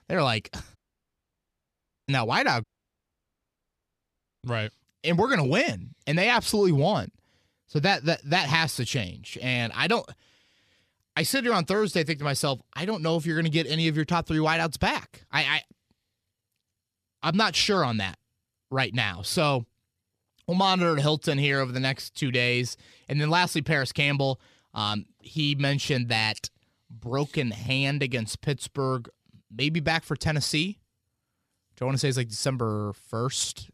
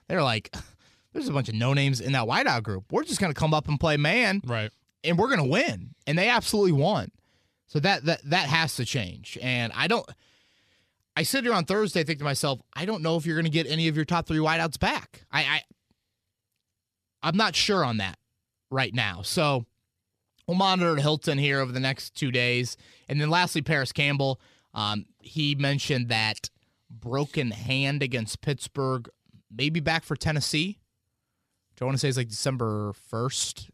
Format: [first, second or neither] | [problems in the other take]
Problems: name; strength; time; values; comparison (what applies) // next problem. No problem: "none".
second | audio cutting out; at 1 s for 1.5 s and at 2.5 s for 2 s